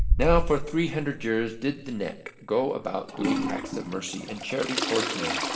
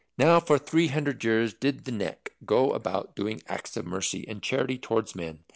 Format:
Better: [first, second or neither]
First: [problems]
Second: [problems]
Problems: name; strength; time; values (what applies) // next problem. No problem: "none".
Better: second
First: background sound (Trickle, dribble / Toilet flush); 1 dB below the speech // room echo; dies away in 1 s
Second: none